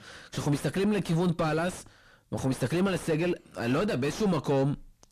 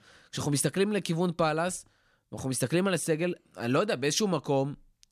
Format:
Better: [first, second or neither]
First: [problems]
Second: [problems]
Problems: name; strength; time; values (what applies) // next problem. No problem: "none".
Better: second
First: distortion; heavy; 5 dB below the speech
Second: none